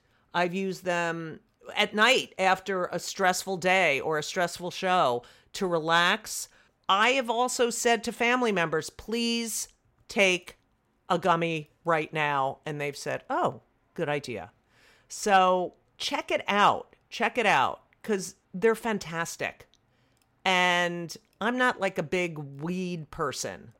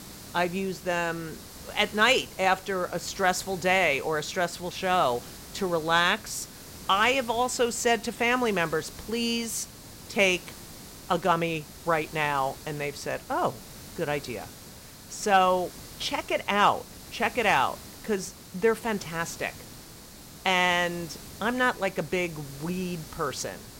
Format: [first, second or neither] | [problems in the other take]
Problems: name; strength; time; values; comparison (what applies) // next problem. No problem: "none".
first | hiss; noticeable; throughout; 15 dB below the speech